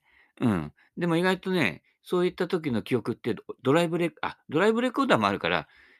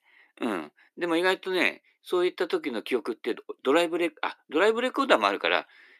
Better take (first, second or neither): first